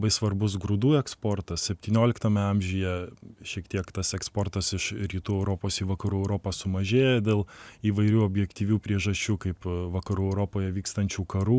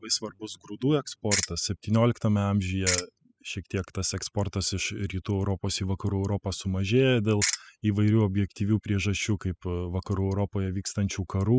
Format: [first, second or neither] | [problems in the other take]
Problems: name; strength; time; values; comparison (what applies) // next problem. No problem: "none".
first | noise reduction (classical method spectral subtraction)